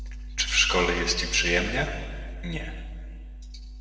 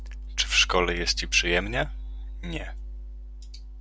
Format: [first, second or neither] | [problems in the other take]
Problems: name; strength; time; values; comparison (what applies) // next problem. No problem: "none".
second | room echo; dies away in 1.7 s